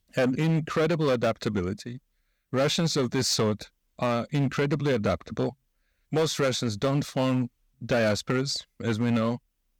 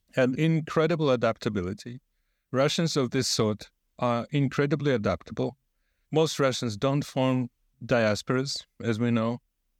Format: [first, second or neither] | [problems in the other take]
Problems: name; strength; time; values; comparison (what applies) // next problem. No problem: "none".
second | distortion; slight; 9% of the sound clipped